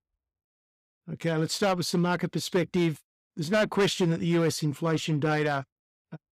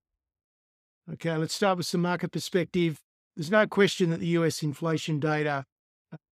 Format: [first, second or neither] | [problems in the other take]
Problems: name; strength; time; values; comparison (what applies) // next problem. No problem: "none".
second | distortion; slight; 5% of the sound clipped